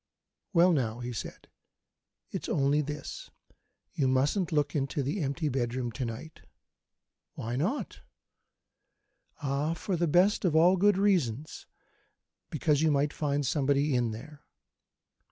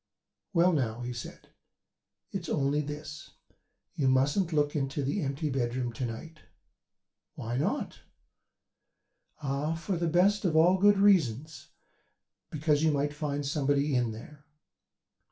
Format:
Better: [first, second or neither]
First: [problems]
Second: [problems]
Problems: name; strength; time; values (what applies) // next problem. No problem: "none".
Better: first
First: none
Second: room echo; dies away in 0.3 s